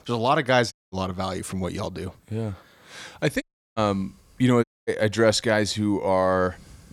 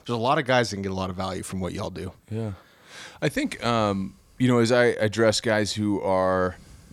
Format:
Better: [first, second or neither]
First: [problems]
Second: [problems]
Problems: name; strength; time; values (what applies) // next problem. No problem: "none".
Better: second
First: audio cutting out; at 0.5 s, at 3.5 s and at 4.5 s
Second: none